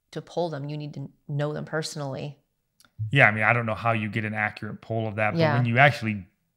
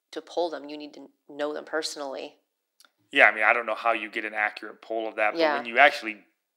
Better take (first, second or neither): first